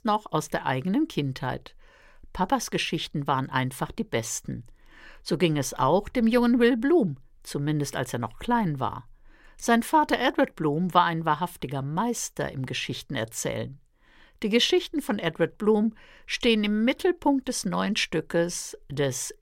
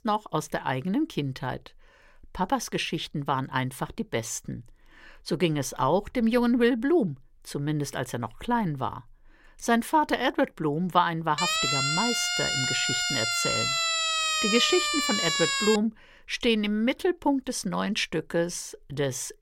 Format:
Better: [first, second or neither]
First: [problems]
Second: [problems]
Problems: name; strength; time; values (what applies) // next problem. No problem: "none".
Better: first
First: none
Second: siren; loud; from 11 to 16 s; peak 4 dB above the speech